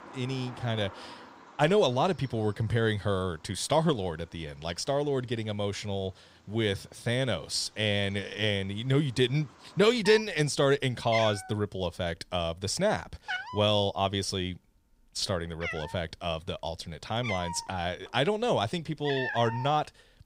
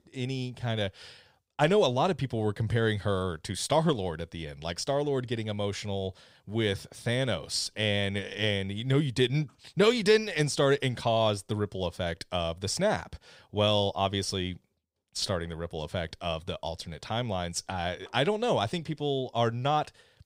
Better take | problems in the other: second | animal sounds; noticeable; throughout; 10 dB below the speech

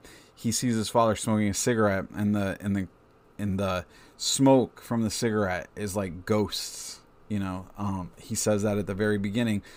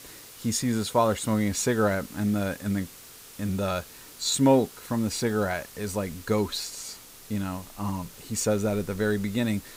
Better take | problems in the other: first | hiss; noticeable; throughout; 15 dB below the speech

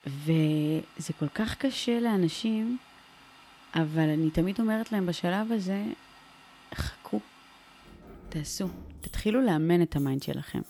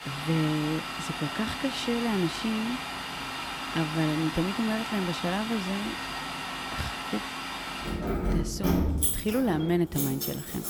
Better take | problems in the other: first | household noises; loud; throughout; 2 dB below the speech; faint in the first

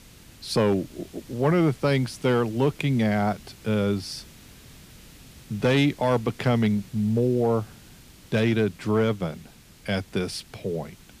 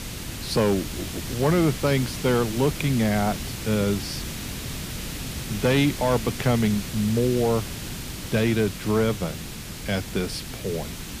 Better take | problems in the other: first | hiss; loud; throughout; 8 dB below the speech; faint in the first

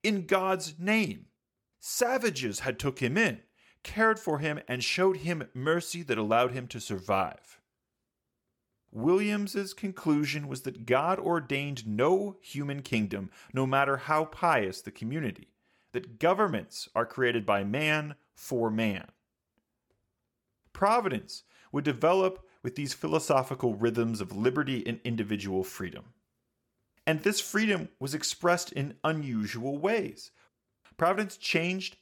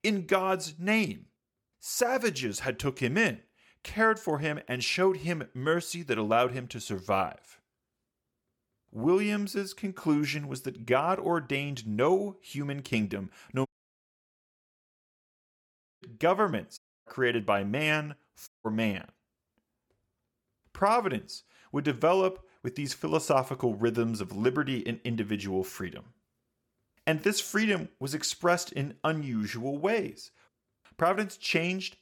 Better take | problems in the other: first | audio cutting out; at 14 s for 2.5 s, at 17 s and at 18 s

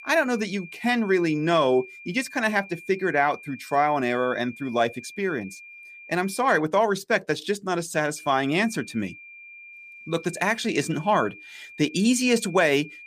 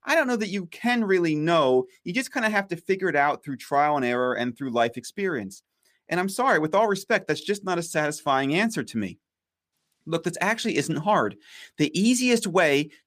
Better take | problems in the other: second | high-pitched whine; noticeable; until 6.5 s and from 8 s on; 2.5 kHz, 20 dB below the speech

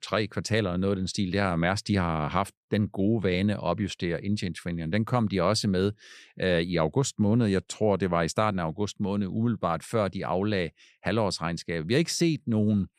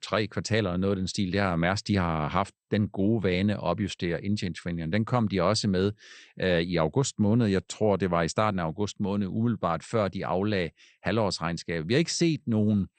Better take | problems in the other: first | garbled, watery; slightly; nothing above 8.5 kHz

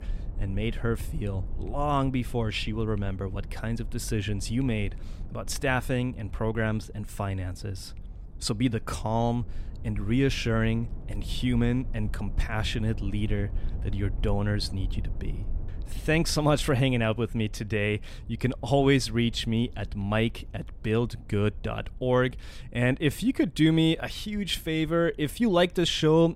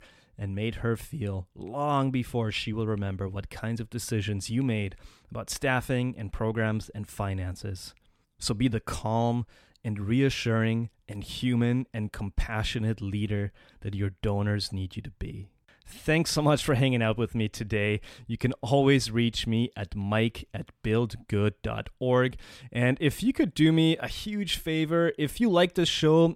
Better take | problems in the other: second | low rumble; faint; throughout; 25 dB below the speech

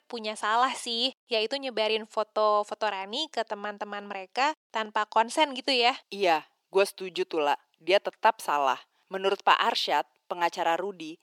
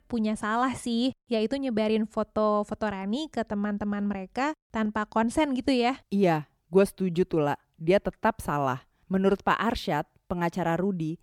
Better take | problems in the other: second | thin; very; fading below 400 Hz

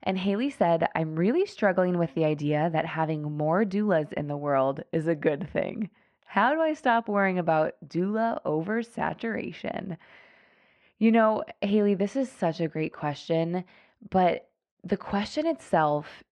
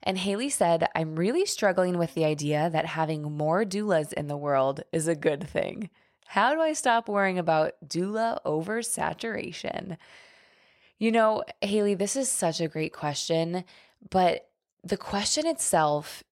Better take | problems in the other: second | muffled; very; fading above 2 kHz

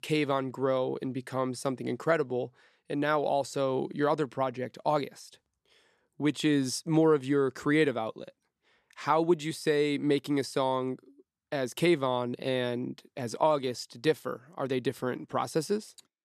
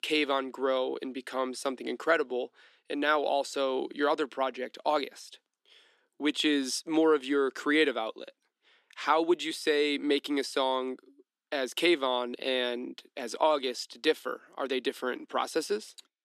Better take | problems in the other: first | thin; very slightly; fading below 250 Hz

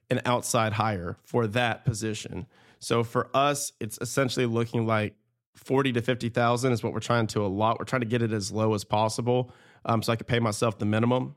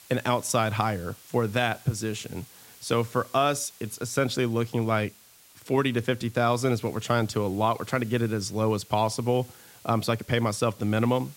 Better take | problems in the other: first | hiss; faint; throughout; 25 dB below the speech

